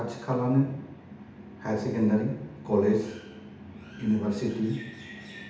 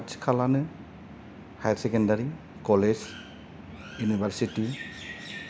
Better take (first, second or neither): second